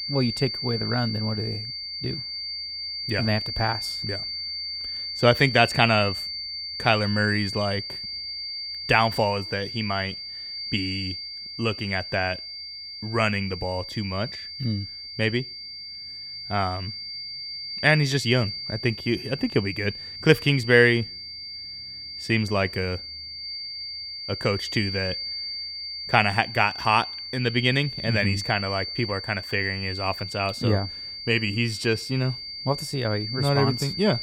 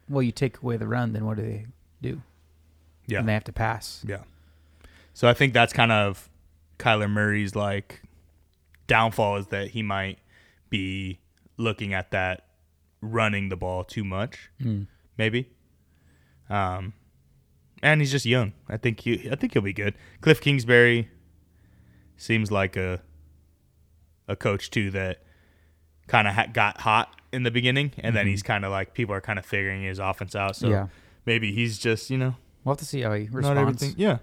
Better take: second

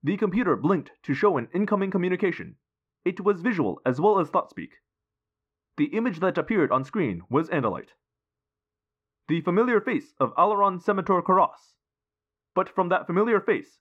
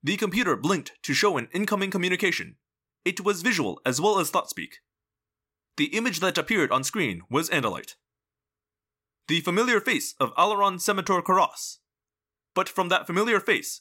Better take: second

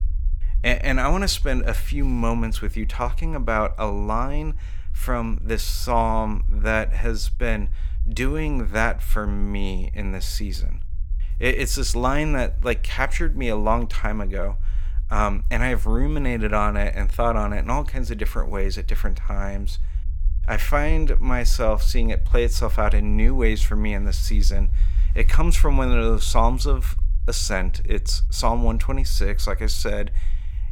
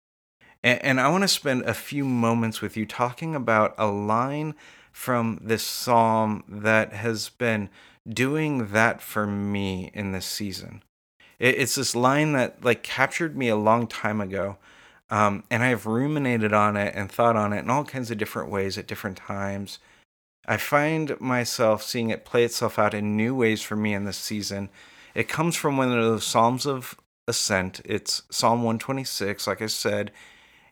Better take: second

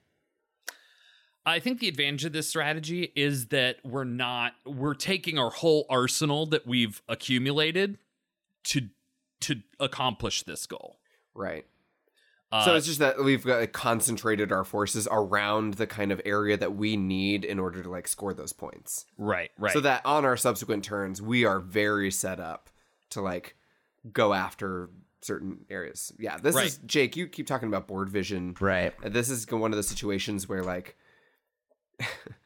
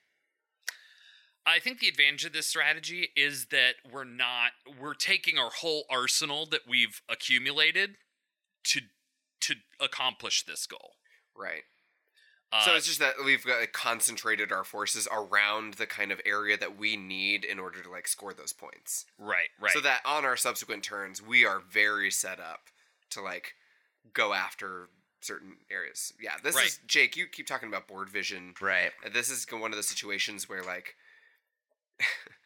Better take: first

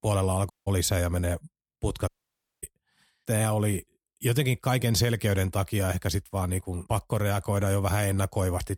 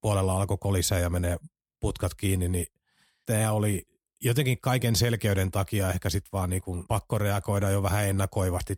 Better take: second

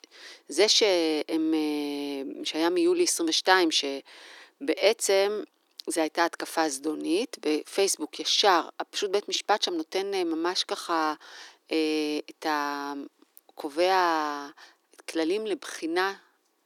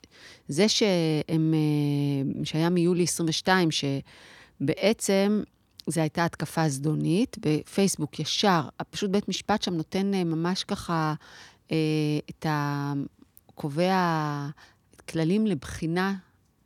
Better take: second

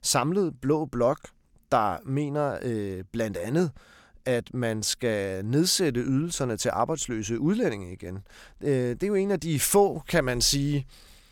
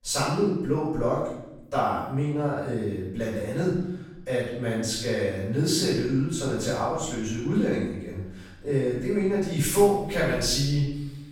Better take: first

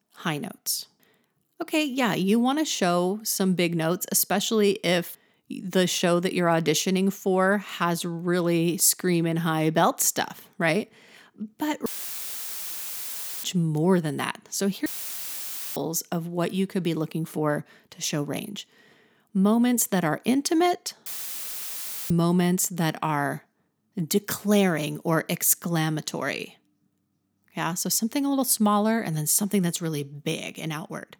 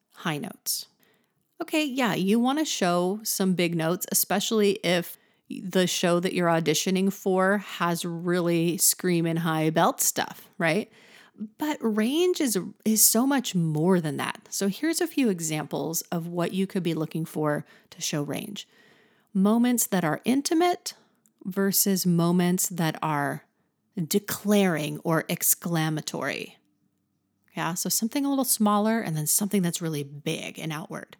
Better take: second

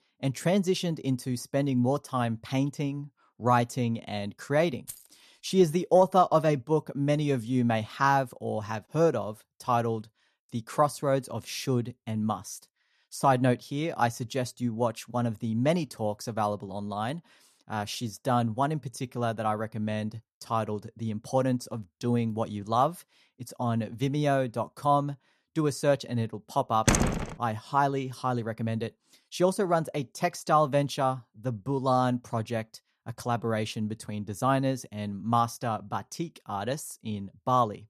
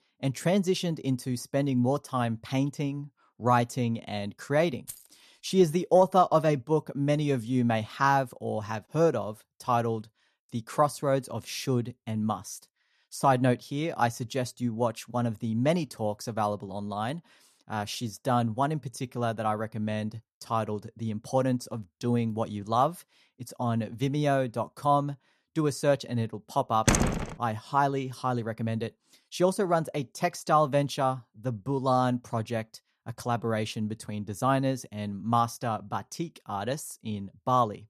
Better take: neither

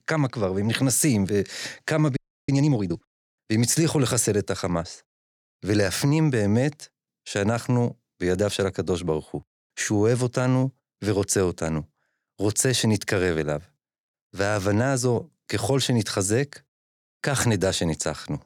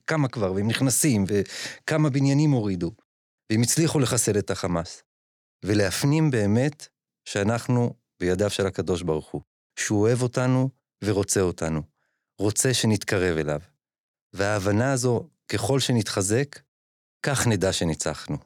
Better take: second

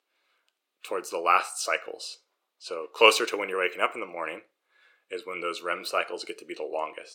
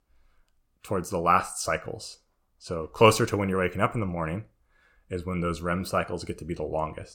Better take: second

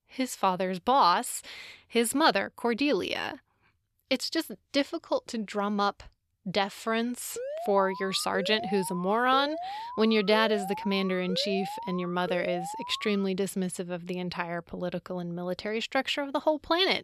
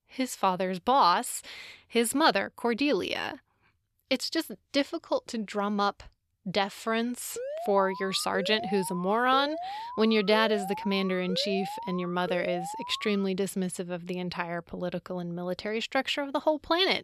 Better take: neither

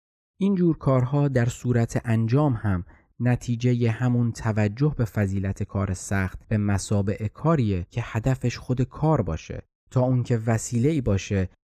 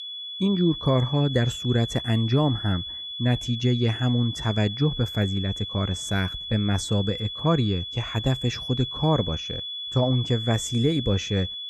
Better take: first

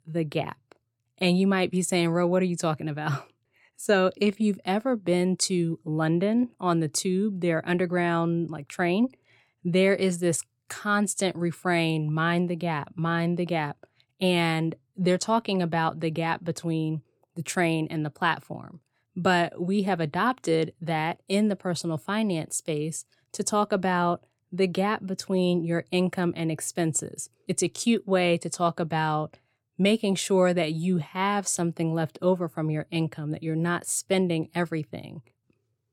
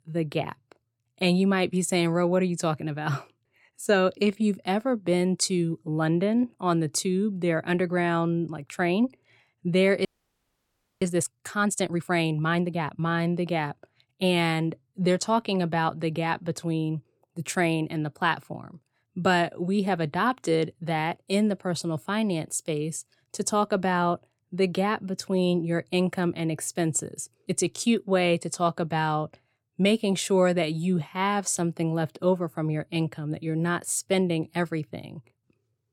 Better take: first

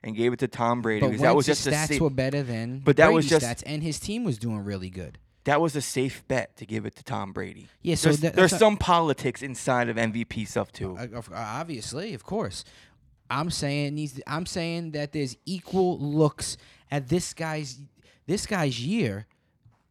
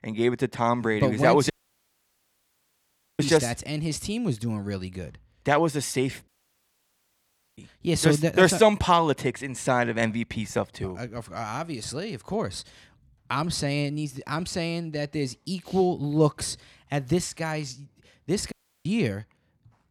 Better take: first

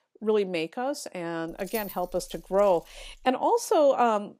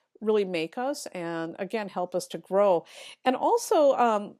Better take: second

